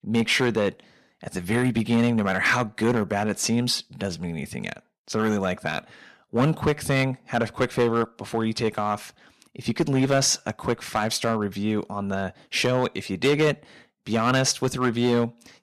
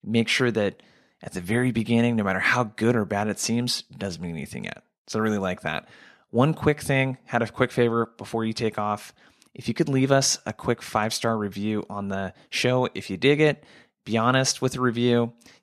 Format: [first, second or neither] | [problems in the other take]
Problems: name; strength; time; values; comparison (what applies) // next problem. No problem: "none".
second | distortion; slight; 4% of the sound clipped